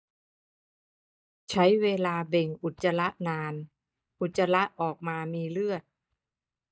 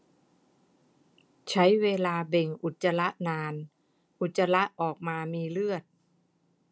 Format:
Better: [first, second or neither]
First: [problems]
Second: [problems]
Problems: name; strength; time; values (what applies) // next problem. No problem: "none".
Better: second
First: noise reduction (neural mask model DeepFilterNet 3)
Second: none